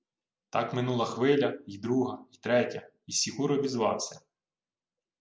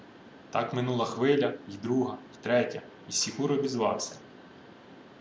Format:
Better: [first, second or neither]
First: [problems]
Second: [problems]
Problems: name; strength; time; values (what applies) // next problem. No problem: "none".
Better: first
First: none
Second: background sound (Mechanisms); 20 dB below the speech